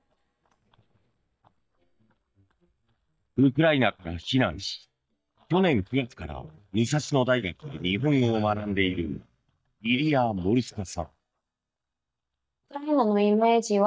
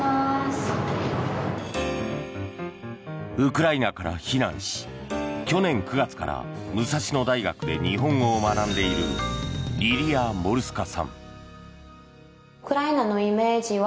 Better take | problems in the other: second | noise reduction (neural mask model DeepFilterNet 3)

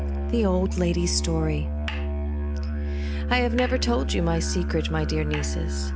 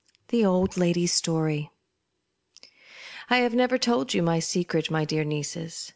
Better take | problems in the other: second | background sound (Musical instrument); 1 dB above the speech

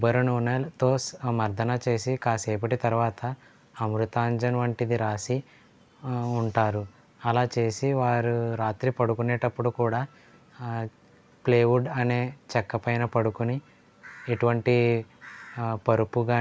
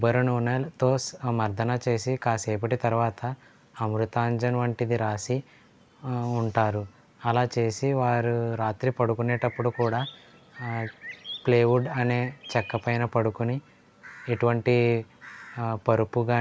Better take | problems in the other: first | background sound (Bird); 17 dB below the speech

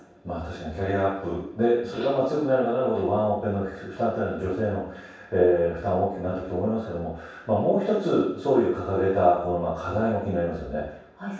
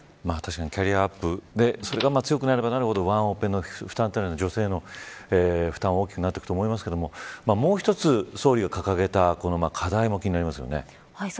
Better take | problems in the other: second | room echo; dies away in 0.7 s

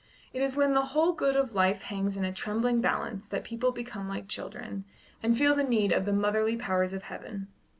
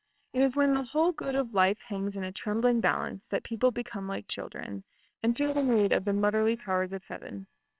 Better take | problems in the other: first | noise reduction (neural separator model SepFormer WHAMR!)

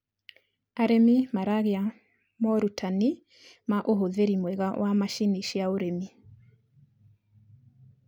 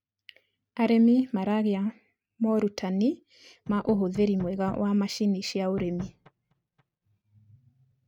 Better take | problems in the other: first | noise reduction (neural mask model RNNoise)

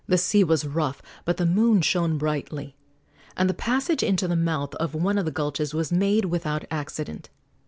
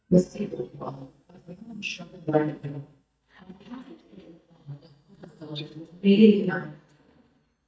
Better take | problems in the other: first | noise reduction (neural mask model DeepFilterNet 3)

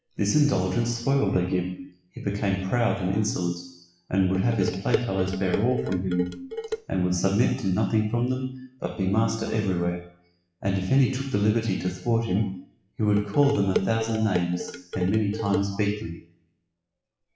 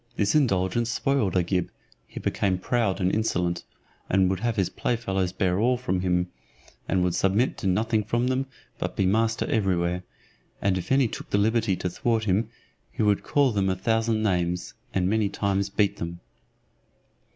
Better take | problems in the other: second | noise reduction (classical method WPE with log-MMSE)

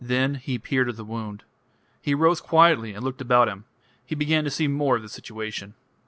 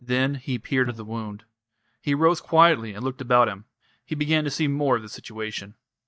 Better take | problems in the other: first | noise reduction (neural mask model DeepFilterNet 3)

